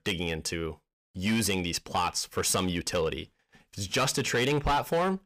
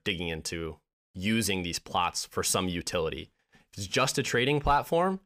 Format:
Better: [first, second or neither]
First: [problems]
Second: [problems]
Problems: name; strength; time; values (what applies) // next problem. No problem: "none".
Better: second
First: distortion; slight; 7% of the sound clipped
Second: none